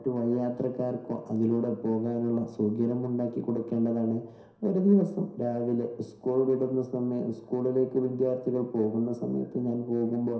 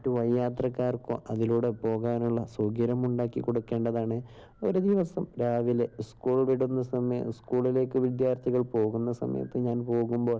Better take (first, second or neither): second